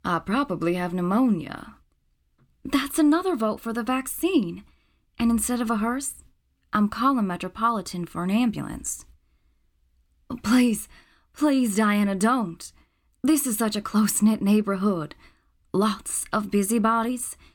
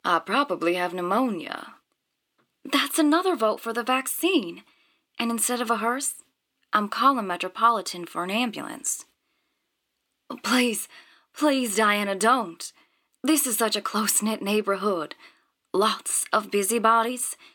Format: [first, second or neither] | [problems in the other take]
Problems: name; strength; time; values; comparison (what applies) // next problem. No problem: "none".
first | thin; somewhat; fading below 450 Hz